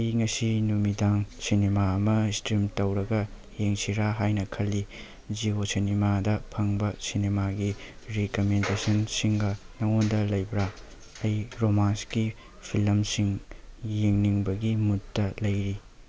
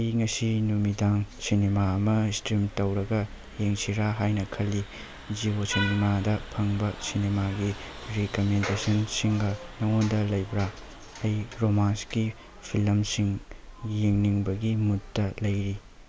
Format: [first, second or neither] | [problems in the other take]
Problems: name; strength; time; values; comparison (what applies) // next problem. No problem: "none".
first | background sound (Vehicle horn, car horn, honking); 17 dB below the speech